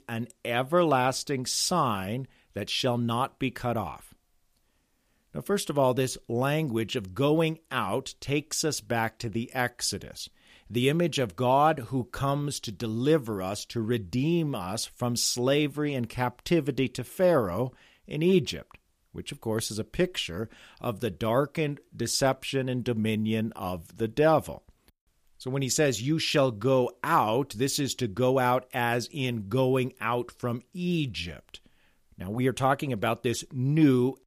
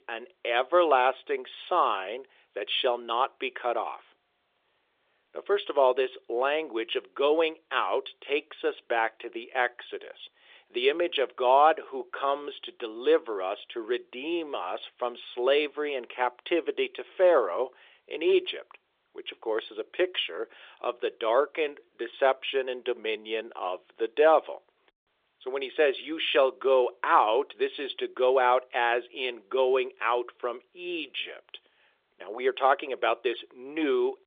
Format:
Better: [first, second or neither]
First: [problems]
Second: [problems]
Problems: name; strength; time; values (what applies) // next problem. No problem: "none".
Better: first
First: none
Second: phone-call audio